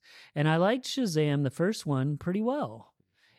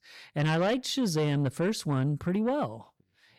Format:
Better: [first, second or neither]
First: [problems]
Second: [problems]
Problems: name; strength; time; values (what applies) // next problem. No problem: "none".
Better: first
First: none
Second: distortion; slight; 10 dB below the speech